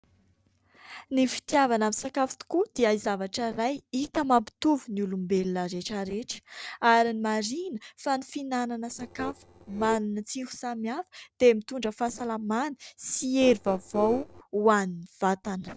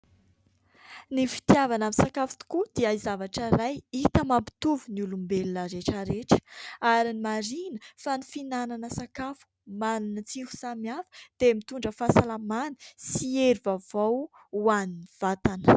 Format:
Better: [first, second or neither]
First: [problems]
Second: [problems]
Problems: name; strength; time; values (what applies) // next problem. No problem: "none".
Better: second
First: noise reduction (neural separator model SepFormer DNS4)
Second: none